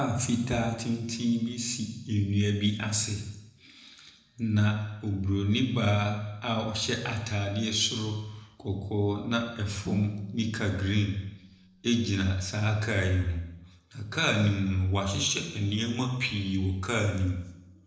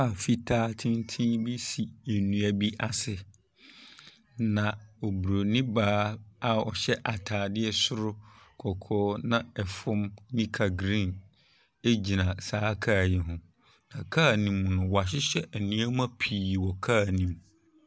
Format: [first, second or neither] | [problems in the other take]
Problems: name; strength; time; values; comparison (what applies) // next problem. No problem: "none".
second | noise reduction (neural separator model SepFormer DNS4)